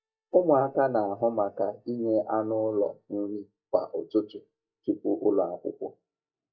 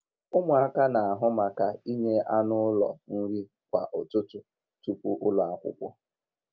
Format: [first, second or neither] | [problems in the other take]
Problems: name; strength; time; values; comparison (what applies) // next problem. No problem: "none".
second | noise reduction (neural mask model DeepFilterNet 3)